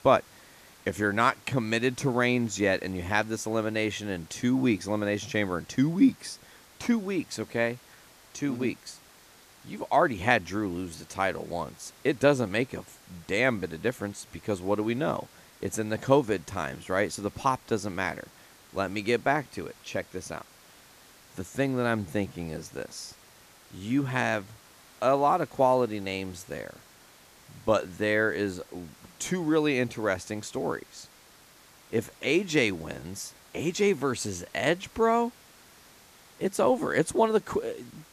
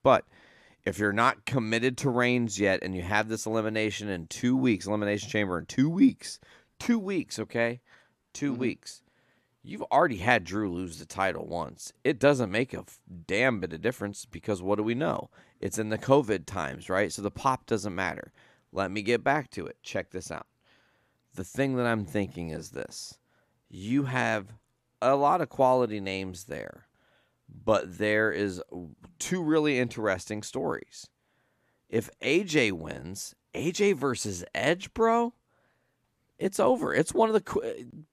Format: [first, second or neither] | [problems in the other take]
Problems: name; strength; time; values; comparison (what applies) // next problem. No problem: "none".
second | hiss; faint; throughout; 25 dB below the speech